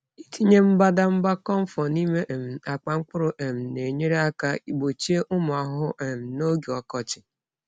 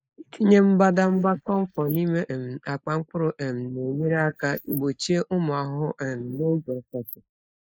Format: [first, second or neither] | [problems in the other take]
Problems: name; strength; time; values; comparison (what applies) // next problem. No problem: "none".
first | noise reduction (neural mask model Resemble Enhance denoiser)